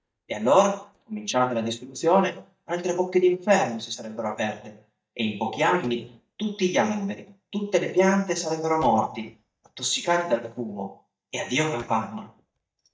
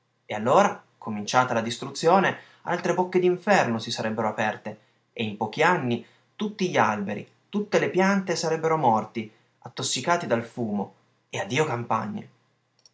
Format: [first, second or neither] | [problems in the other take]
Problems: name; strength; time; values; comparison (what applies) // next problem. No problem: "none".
second | noise reduction (neural mask model DeepFilterNet 3)